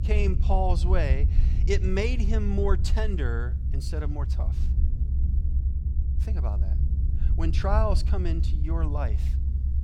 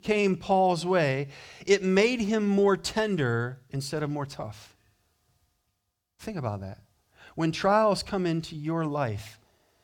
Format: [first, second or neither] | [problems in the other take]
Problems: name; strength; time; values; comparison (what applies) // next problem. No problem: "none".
second | low rumble; noticeable; throughout; 10 dB below the speech